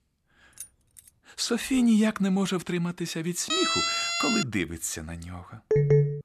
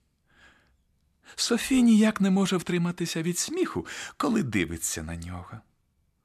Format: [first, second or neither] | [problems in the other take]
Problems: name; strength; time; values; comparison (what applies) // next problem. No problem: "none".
second | jangling keys; faint; at 0.5 s; peak 15 dB below the speech // siren; loud; at 3.5 s; peak 3 dB above the speech // phone ringing; loud; at 5.5 s; peak 6 dB above the speech